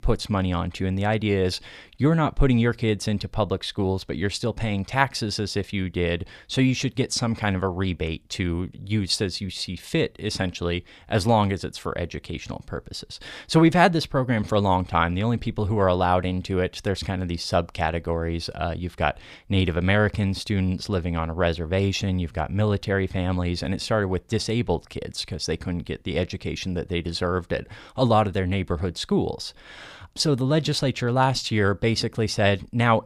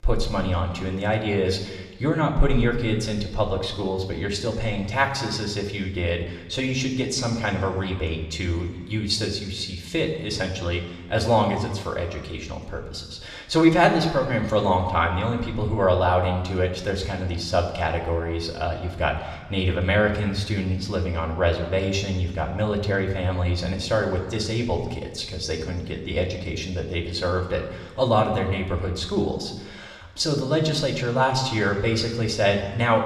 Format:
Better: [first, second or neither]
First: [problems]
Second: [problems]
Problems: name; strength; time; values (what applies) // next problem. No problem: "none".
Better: first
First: none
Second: room echo; slight; dies away in 1.2 s // off-mic speech; somewhat distant